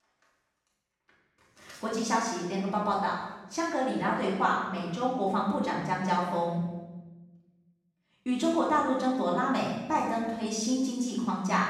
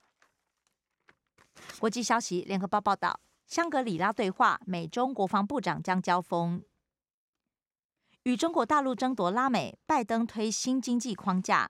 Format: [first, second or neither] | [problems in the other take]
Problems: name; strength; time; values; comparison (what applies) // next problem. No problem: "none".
second | room echo; noticeable; dies away in 1 s // off-mic speech; far